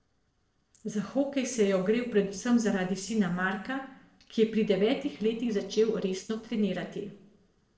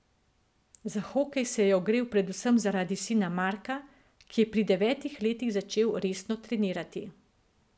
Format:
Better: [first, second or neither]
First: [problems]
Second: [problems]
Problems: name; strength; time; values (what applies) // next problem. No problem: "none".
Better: second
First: noise reduction (neural separator model SepFormer DNS4)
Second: none